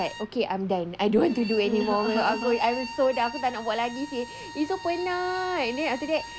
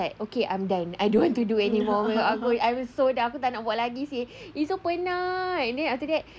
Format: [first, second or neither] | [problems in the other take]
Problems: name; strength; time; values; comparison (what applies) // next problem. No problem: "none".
second | background sound (Bowed string instrument); 13 dB below the speech